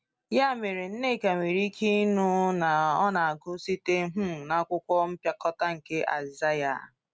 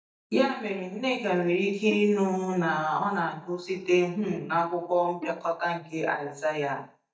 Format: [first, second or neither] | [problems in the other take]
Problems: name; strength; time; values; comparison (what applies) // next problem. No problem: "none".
first | noise reduction (neural mask model DeepFilterNet 3)